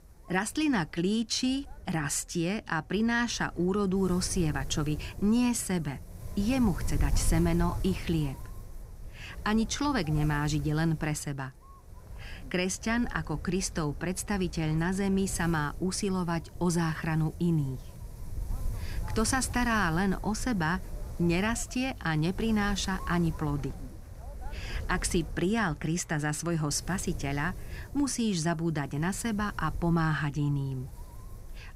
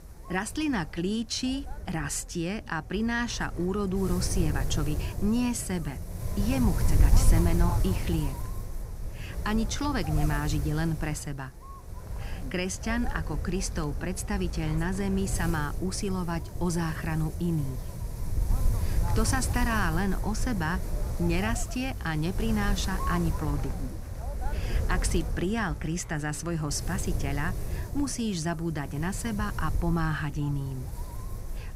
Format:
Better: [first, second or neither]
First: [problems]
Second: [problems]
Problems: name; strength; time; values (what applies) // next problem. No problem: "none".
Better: first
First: wind noise on the microphone; occasional gusts; 20 dB below the speech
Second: wind noise on the microphone; heavy; 10 dB below the speech